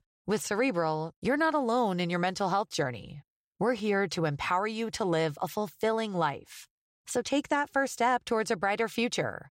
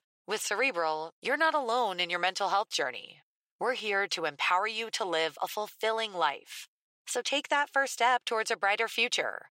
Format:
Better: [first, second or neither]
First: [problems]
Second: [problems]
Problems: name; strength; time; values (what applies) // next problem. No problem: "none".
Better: first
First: none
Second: thin; somewhat; fading below 550 Hz